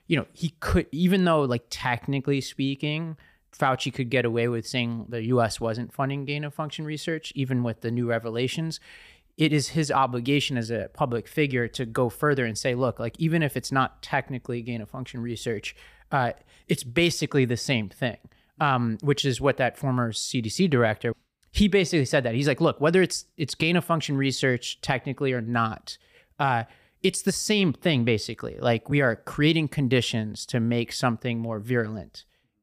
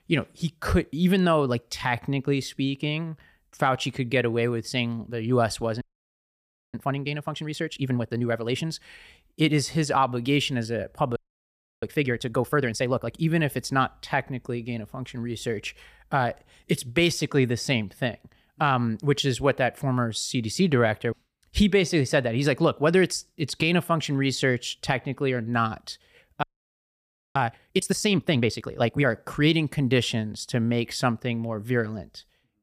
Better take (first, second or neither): first